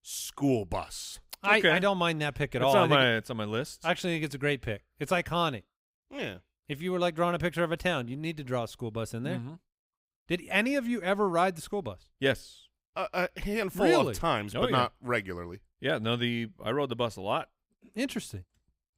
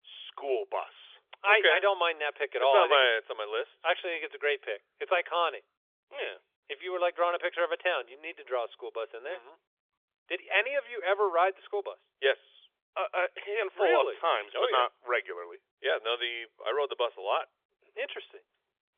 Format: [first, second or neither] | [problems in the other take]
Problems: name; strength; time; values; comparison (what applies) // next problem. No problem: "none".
first | phone-call audio; nothing above 3.5 kHz